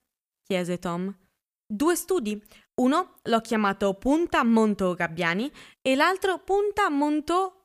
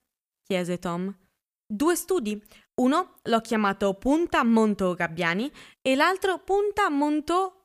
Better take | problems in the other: neither | none

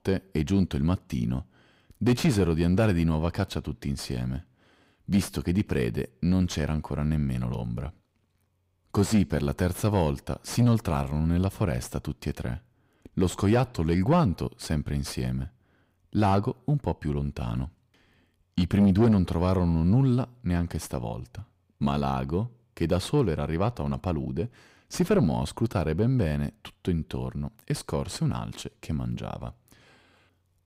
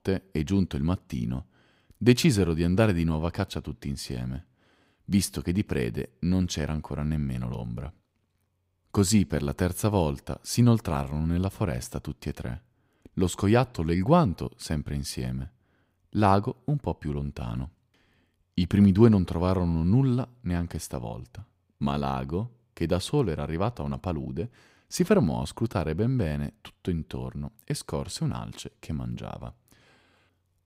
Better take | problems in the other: second | distortion; slight; 10 dB below the speech

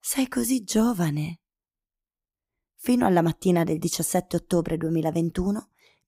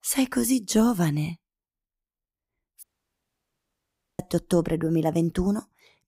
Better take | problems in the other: first | audio cutting out; at 3 s for 1.5 s

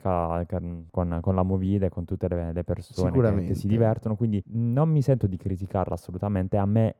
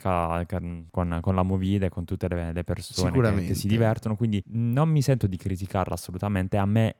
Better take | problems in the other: second | muffled; slightly; fading above 1.5 kHz

